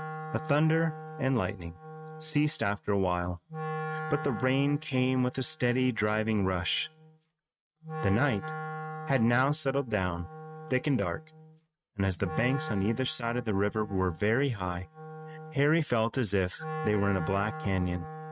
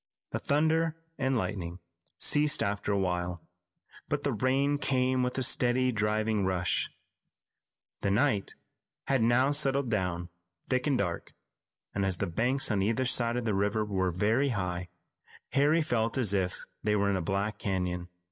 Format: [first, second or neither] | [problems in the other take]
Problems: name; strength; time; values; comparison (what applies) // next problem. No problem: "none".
second | noise reduction (neural mask model RNNoise)